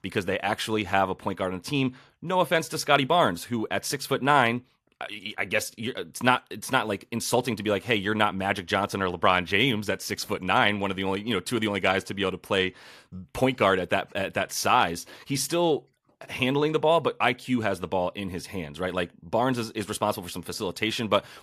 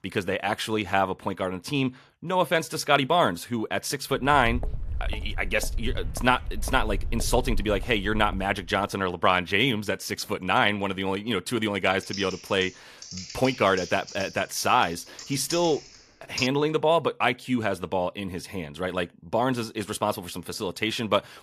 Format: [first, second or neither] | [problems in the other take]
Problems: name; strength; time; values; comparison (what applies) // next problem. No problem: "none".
first | footsteps; noticeable; from 4.5 to 8.5 s; peak 8 dB below the speech // keyboard typing; noticeable; from 12 to 16 s; peak 8 dB below the speech